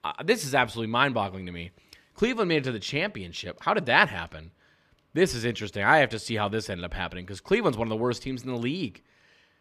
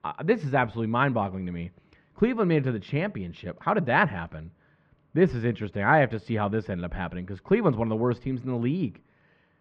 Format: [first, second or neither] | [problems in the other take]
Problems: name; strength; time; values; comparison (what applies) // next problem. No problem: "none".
first | muffled; very; fading above 1.5 kHz